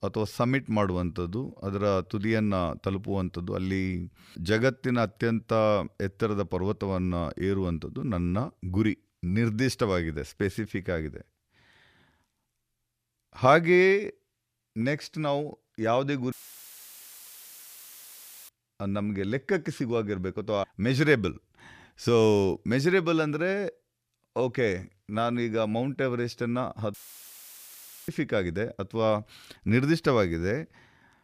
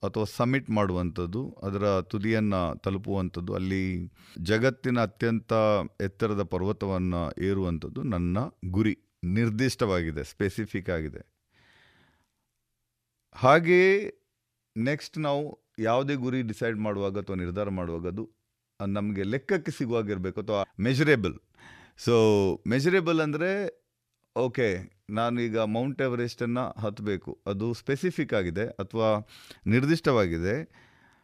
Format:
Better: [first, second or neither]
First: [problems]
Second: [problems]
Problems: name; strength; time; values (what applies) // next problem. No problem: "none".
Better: second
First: audio cutting out; filled with static; at 16 s for 2 s and at 27 s for 1 s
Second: none